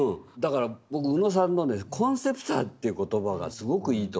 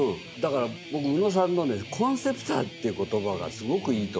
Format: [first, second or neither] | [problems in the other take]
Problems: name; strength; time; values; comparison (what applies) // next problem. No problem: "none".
first | background sound (Guitar); 15 dB below the speech